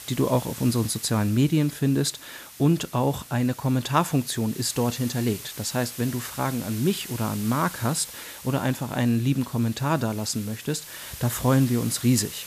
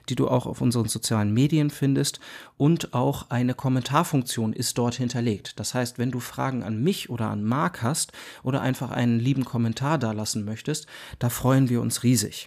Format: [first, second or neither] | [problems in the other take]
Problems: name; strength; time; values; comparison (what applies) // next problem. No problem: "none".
second | hiss; noticeable; throughout; 15 dB below the speech